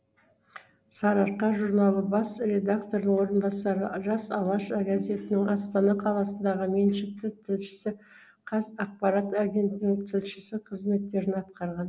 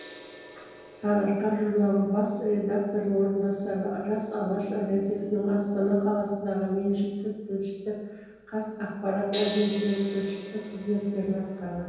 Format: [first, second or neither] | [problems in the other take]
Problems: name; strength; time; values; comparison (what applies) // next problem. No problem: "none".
first | background sound (Gong); 19 dB below the speech // room echo; dies away in 1.2 s